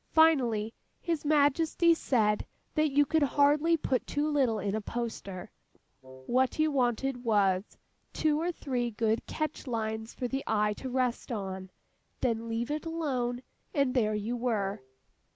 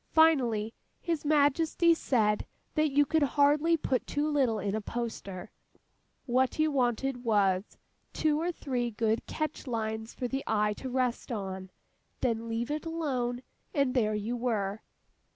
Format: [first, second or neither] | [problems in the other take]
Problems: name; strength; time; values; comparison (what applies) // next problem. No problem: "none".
second | background sound (Wind instrument, woodwind instrument); 19 dB below the speech